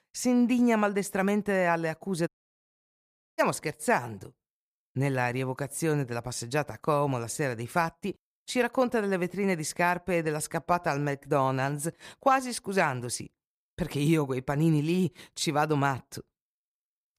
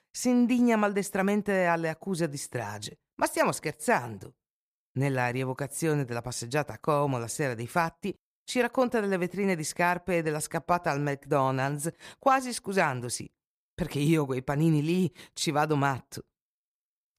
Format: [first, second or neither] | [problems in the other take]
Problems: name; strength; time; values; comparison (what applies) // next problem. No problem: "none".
second | audio cutting out; at 2.5 s for 1 s